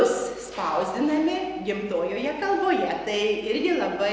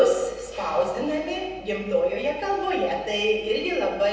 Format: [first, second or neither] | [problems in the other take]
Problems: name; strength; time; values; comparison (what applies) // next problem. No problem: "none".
first | room echo; dies away in 0.3 s